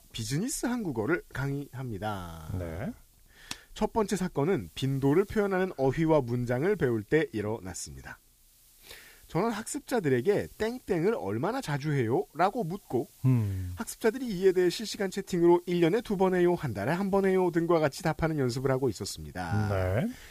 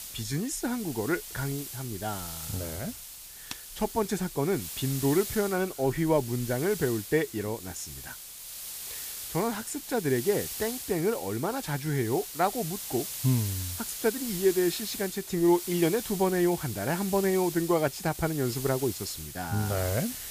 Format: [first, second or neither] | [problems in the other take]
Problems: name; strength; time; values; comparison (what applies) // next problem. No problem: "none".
first | hiss; loud; throughout; 8 dB below the speech; faint in the first